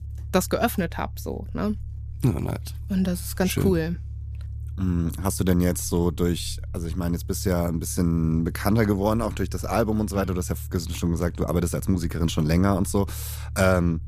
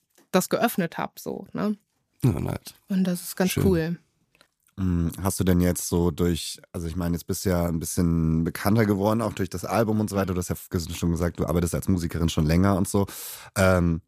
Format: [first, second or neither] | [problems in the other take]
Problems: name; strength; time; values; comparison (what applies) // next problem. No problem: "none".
second | low rumble; faint; throughout; 25 dB below the speech